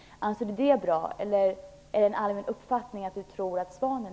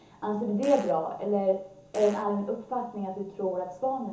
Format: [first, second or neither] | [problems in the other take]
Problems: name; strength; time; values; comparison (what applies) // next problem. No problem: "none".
first | background sound (Fart); 18 dB below the speech // room echo; dies away in 0.8 s